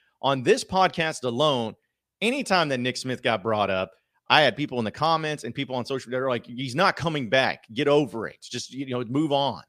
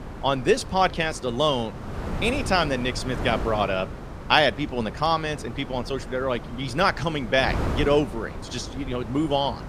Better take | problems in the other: first | wind noise on the microphone; occasional gusts; 15 dB below the speech

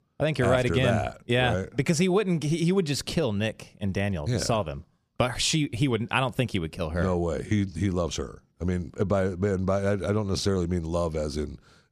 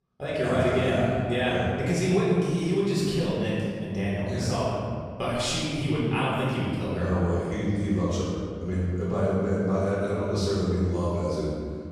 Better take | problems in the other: first | off-mic speech; far // room echo; strong; dies away in 2 s

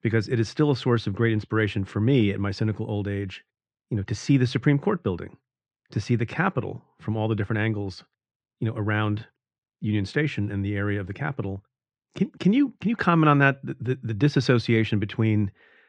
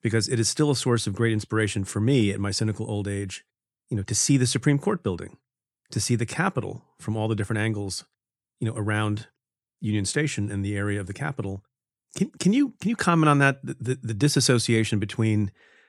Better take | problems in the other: second | muffled; slightly; fading above 3.5 kHz

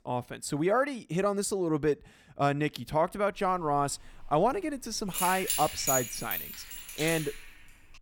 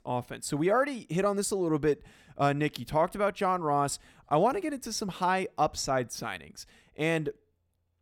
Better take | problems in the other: second | jangling keys; loud; from 3.5 to 7.5 s; peak 1 dB above the speech

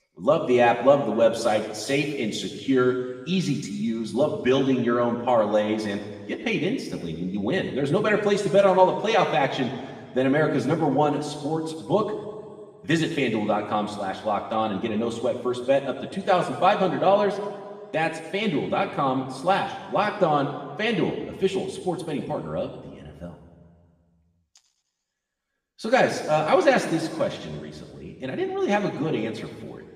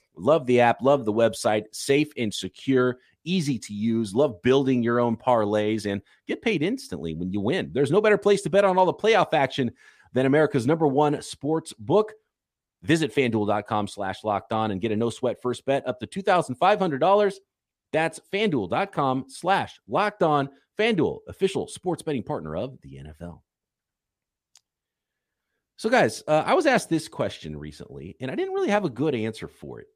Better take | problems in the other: second | room echo; noticeable; dies away in 1.6 s // off-mic speech; somewhat distant

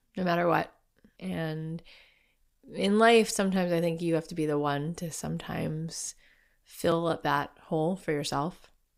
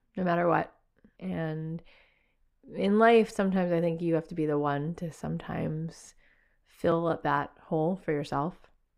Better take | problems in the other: first | muffled; slightly; fading above 3 kHz

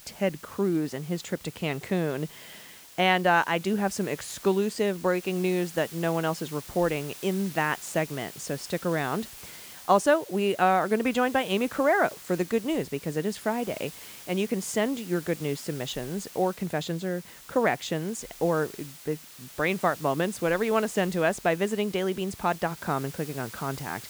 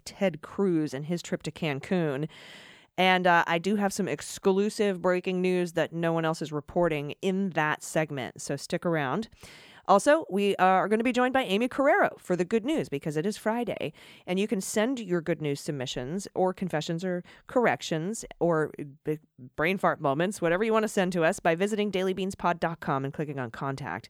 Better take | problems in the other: second | hiss; noticeable; throughout; 15 dB below the speech

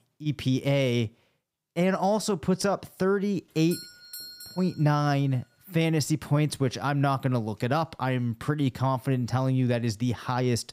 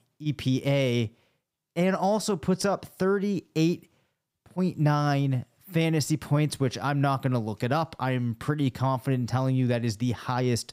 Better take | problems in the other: second | doorbell; faint; from 3.5 to 5 s; peak 10 dB below the speech

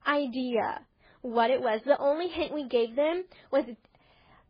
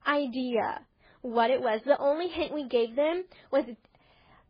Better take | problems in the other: neither | garbled, watery; badly; nothing above 4.5 kHz; the same in both

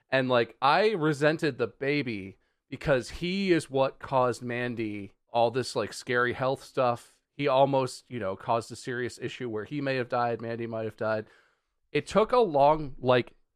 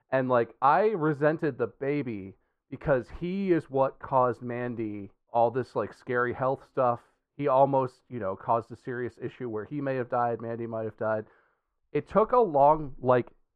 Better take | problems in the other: first | muffled; very; fading above 2.5 kHz

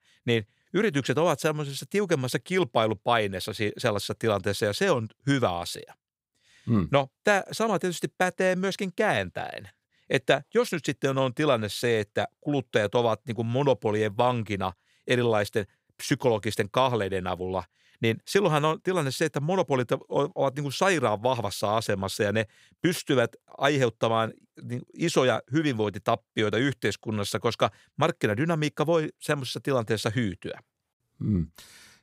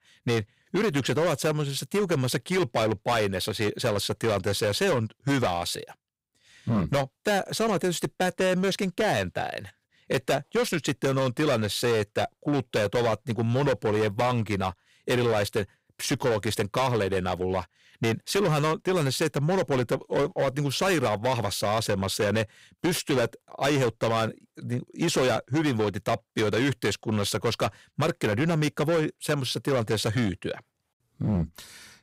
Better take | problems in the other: first | distortion; heavy; 15% of the sound clipped

